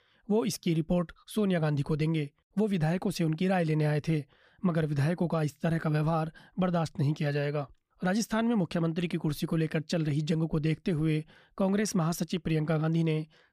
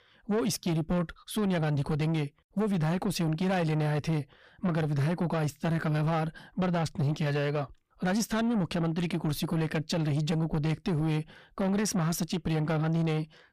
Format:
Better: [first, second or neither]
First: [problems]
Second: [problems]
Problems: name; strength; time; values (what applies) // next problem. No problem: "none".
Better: first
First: none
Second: distortion; slight; 10 dB below the speech